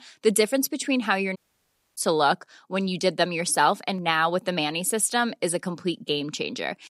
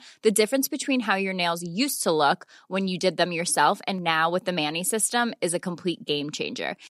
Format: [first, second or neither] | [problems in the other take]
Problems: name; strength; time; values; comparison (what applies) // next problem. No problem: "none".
second | audio cutting out; at 1.5 s for 0.5 s